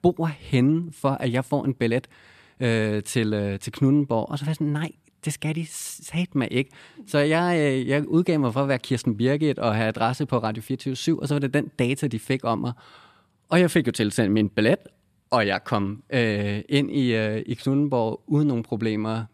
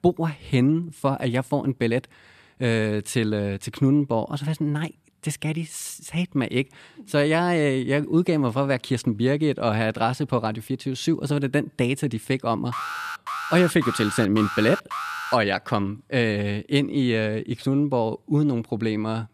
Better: first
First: none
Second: alarm; noticeable; from 13 to 15 s; peak 5 dB below the speech

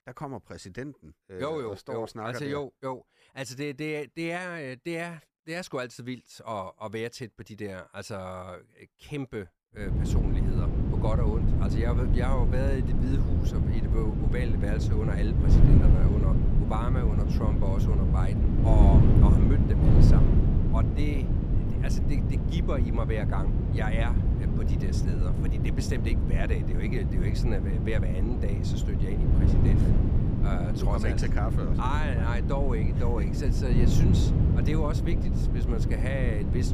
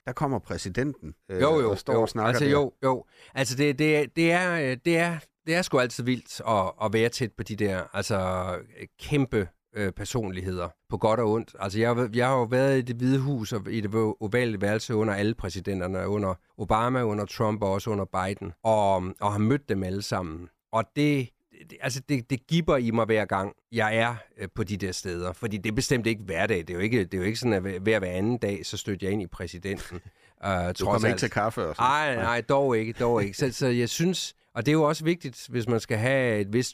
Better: second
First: wind noise on the microphone; heavy; from 10 s on; as loud as the speech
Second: none

